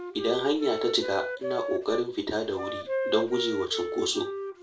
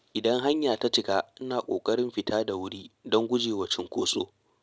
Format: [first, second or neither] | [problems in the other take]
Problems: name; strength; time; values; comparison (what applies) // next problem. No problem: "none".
second | background sound (Wind instrument, woodwind instrument); 5 dB below the speech // room echo; dies away in 0.3 s